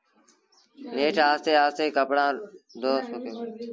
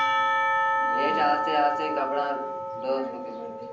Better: first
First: none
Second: background sound (Church bell / Percussion); 3 dB above the speech // room echo; dies away in 0.6 s

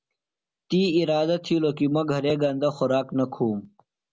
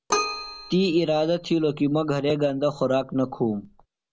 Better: first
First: none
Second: background sound (Keyboard (musical)); 10 dB below the speech

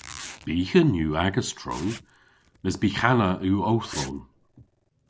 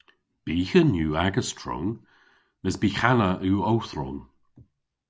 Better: second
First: background sound (Zipper (clothing)); 19 dB below the speech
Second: none

